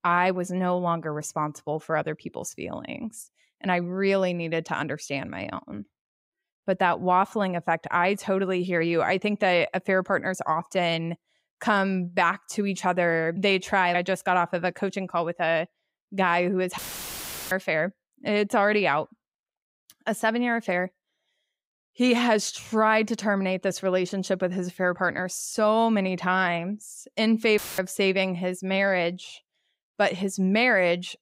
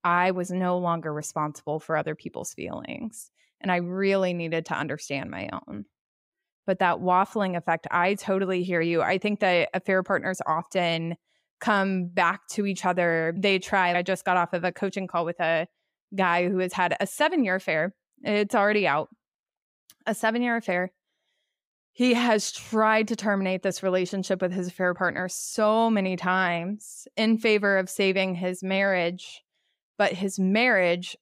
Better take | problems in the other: second | audio cutting out; filled with static; at 17 s for 0.5 s and at 28 s

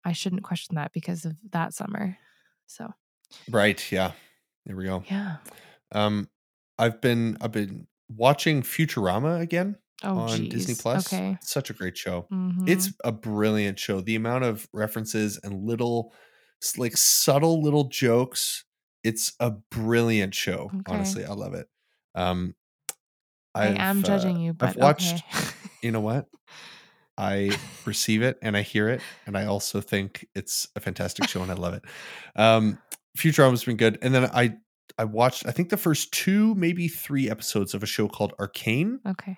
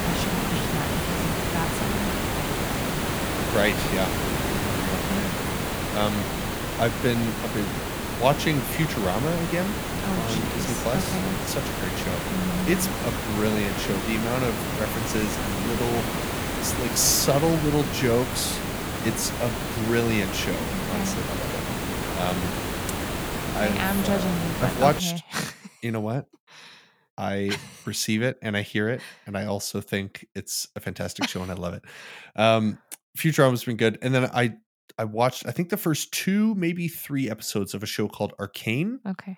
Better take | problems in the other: first | hiss; loud; until 25 s; 1 dB below the speech

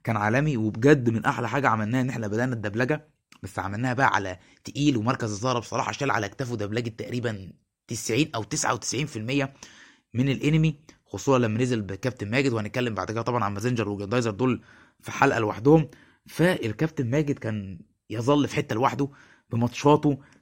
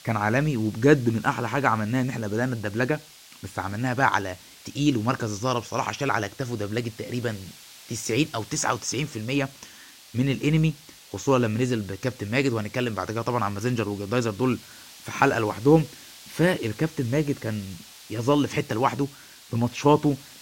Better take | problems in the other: first | hiss; noticeable; throughout; 20 dB below the speech

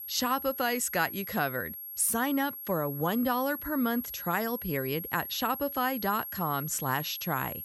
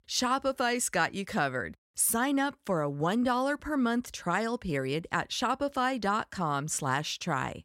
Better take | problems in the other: second | high-pitched whine; loud; throughout; 11.5 kHz, 7 dB below the speech

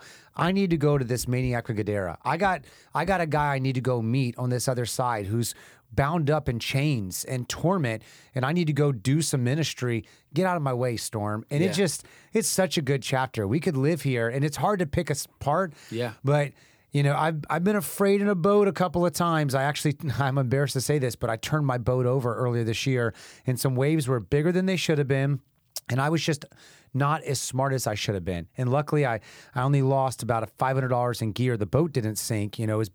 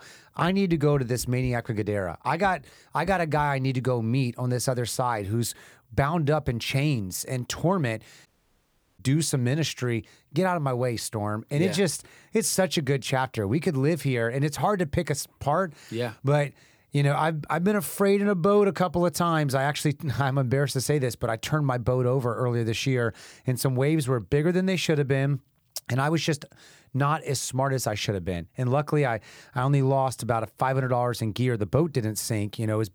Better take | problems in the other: first | audio cutting out; at 8.5 s for 0.5 s

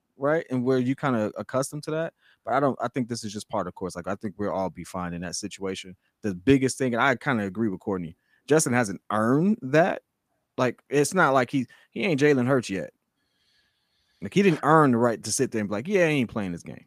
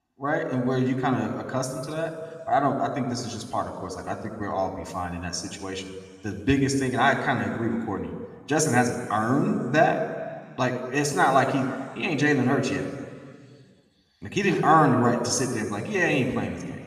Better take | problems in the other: first | room echo; noticeable; dies away in 1.8 s // off-mic speech; somewhat distant

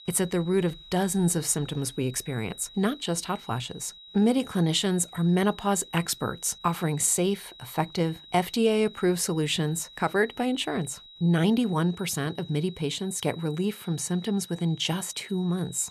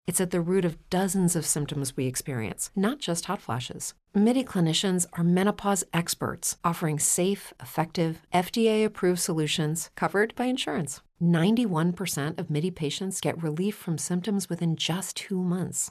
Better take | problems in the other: second | high-pitched whine; noticeable; throughout; 4 kHz, 20 dB below the speech

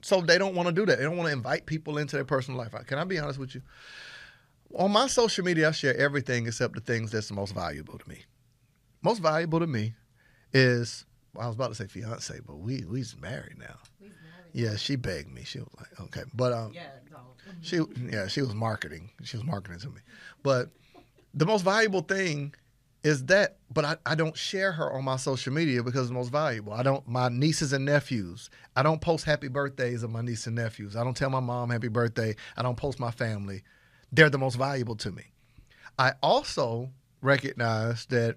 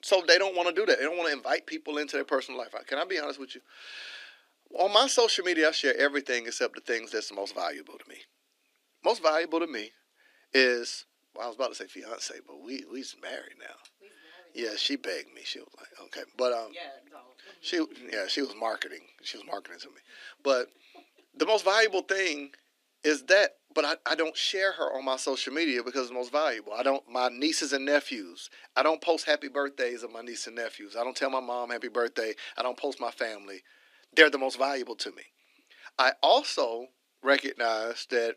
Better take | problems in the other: first | thin; somewhat; fading below 300 Hz

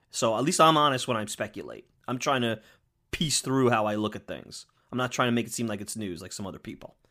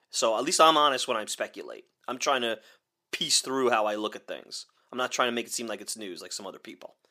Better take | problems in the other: first | thin; somewhat; fading below 400 Hz

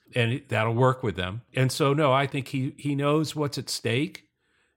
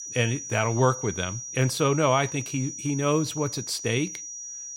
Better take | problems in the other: first | high-pitched whine; loud; throughout; 6 kHz, 8 dB below the speech

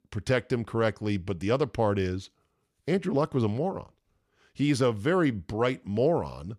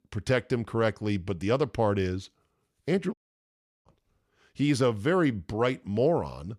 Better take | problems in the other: first | audio cutting out; at 3 s for 0.5 s

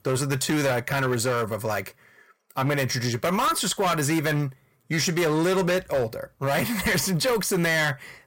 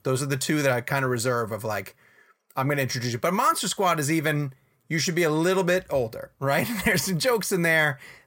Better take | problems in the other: second | distortion; slight; 13% of the sound clipped

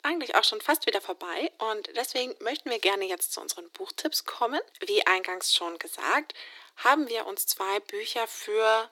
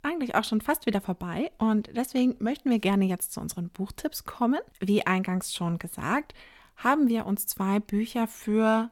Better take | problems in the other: second | thin; very; fading below 300 Hz

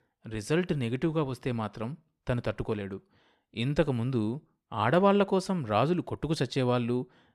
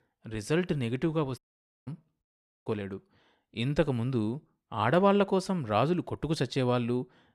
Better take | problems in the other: first | audio cutting out; at 1.5 s and at 2 s

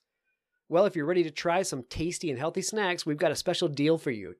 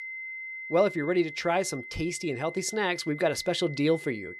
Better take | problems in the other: first | high-pitched whine; noticeable; throughout; 2 kHz, 10 dB below the speech

